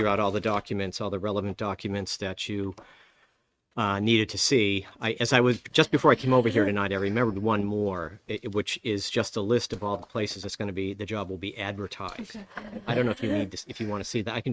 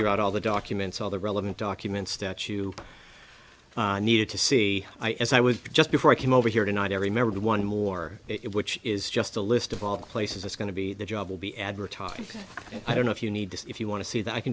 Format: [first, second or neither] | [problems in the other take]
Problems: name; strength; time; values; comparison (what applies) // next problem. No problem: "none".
second | noise reduction (neural mask model RNNoise)